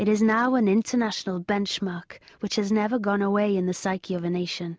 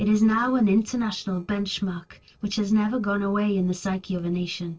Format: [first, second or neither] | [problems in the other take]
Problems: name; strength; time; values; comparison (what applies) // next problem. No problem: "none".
first | noise reduction (neural separator model SepFormer DNS4)